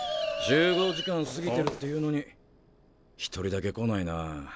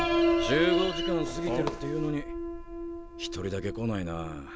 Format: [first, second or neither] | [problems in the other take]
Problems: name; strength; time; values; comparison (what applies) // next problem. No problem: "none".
first | background sound (Piano); as loud as the speech